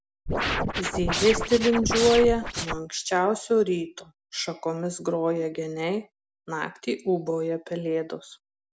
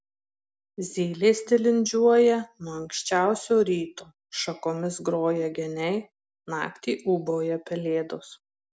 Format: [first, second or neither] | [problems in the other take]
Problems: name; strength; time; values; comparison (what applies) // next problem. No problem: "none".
second | background sound (Scratching (performance technique)); 2 dB below the speech